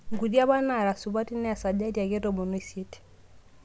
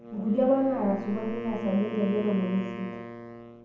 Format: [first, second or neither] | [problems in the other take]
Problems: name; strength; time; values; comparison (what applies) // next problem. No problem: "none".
first | background sound (Wind instrument, woodwind instrument); 12 dB below the speech // room echo; dies away in 1.2 s